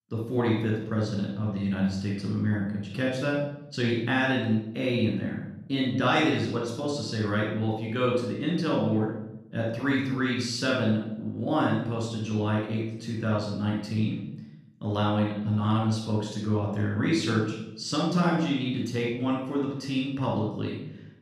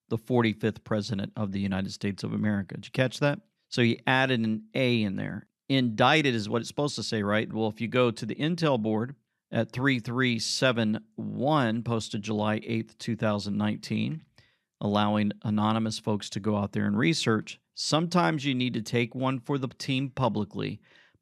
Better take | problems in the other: second | off-mic speech; far // room echo; noticeable; dies away in 0.7 s

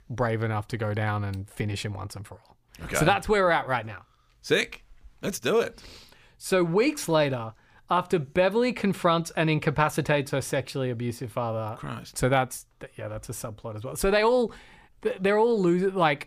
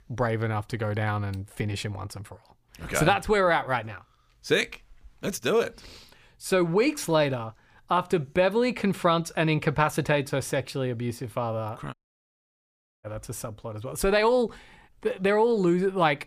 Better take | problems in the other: first | audio cutting out; at 12 s for 1 s

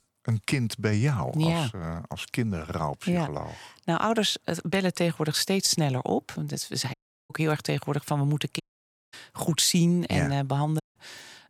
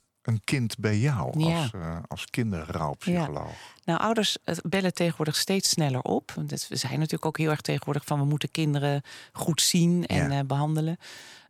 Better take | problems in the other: second | audio cutting out; at 7 s, at 8.5 s for 0.5 s and at 11 s

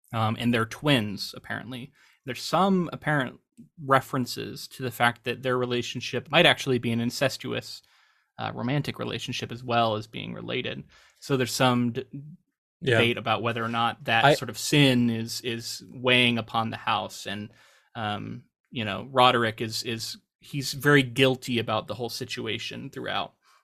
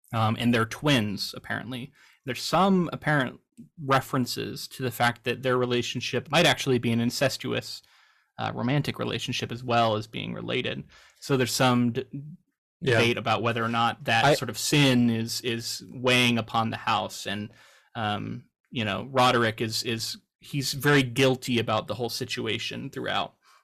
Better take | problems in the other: first | distortion; slight; 10 dB below the speech

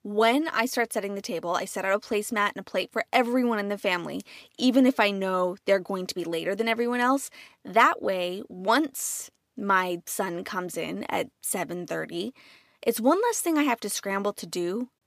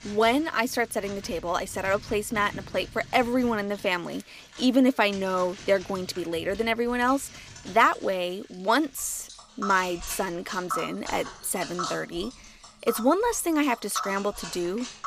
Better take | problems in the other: first | household noises; noticeable; throughout; 15 dB below the speech

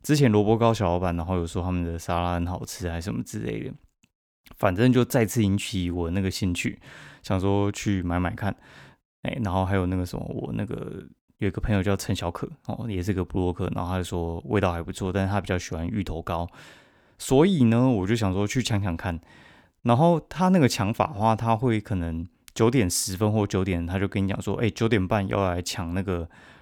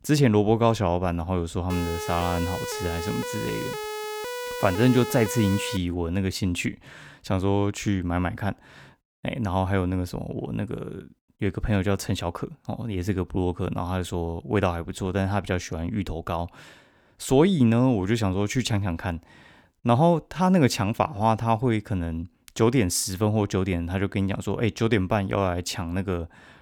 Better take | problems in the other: first | siren; noticeable; from 1.5 to 6 s; peak 7 dB below the speech

